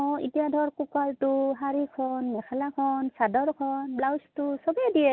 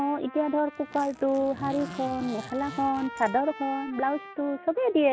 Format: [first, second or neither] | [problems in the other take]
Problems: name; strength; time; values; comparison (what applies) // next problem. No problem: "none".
first | background sound (Trumpet + Zipper (clothing)); 15 dB below the speech